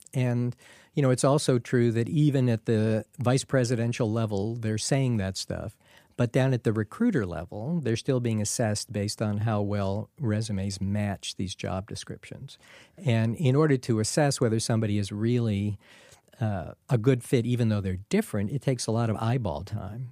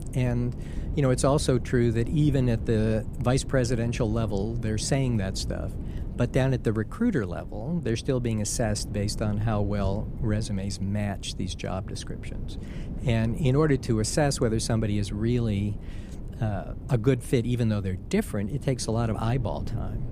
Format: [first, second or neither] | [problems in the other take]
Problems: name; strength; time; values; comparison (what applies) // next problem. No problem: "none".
first | wind noise on the microphone; occasional gusts; 15 dB below the speech